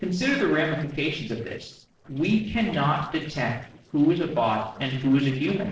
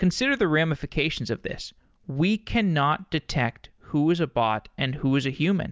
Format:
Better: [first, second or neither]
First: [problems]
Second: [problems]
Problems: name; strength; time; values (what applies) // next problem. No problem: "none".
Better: second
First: noise reduction (neural separator model SepFormer DNS4)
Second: none